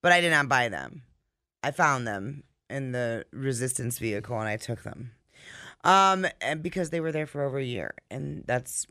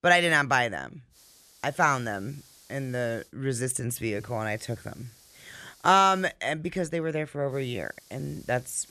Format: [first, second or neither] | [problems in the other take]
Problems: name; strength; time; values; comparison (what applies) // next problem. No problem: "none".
first | hiss; faint; from 1 to 3.5 s, from 4 to 6.5 s and from 7.5 s on; 25 dB below the speech